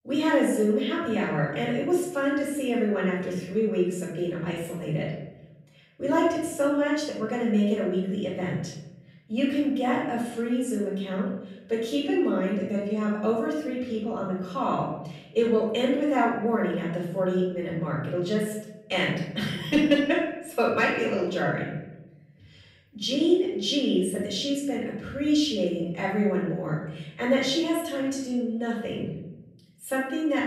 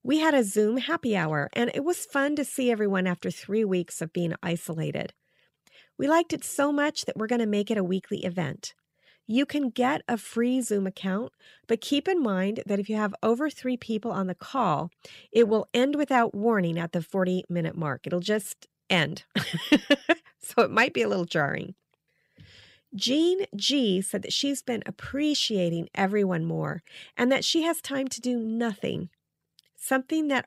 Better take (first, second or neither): second